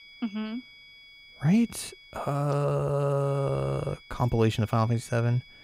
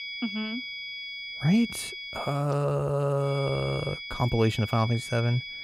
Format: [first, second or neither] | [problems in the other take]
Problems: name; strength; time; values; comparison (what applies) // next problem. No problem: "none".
first | high-pitched whine; loud; until 2.5 s and from 3.5 s on; 2.5 kHz, 8 dB below the speech; faint in the first